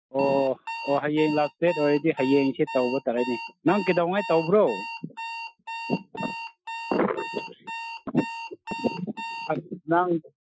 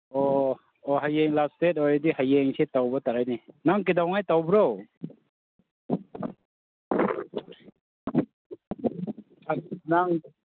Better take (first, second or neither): second